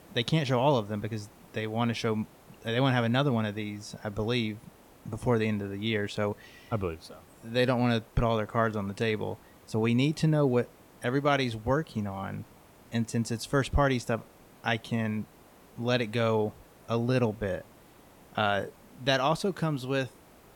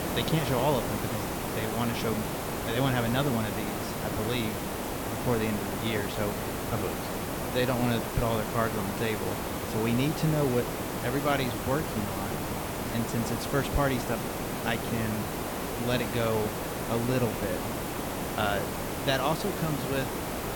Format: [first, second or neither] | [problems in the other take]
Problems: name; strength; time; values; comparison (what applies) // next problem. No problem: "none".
first | hiss; loud; throughout; 1 dB below the speech; faint in the first